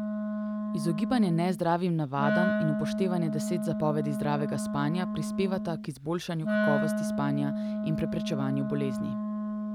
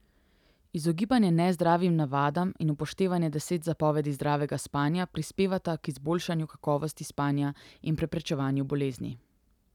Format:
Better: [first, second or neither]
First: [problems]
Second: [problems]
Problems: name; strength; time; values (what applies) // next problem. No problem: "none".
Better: second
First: background sound (Wind instrument, woodwind instrument); as loud as the speech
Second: none